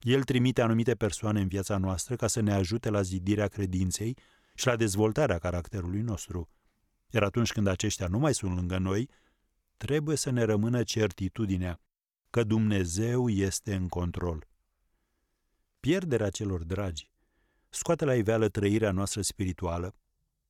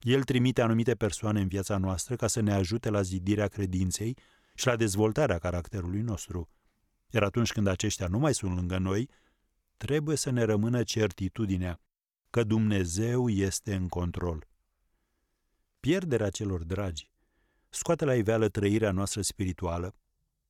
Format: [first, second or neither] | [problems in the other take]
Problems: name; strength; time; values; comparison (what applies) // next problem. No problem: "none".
neither | none